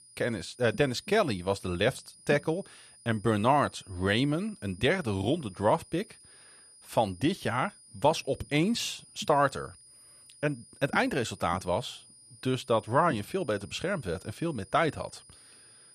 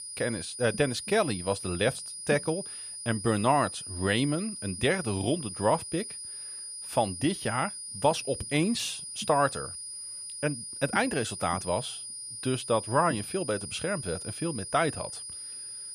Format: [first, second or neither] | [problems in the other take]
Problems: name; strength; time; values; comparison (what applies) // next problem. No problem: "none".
first | high-pitched whine; loud; throughout; 9.5 kHz, 8 dB below the speech; faint in the first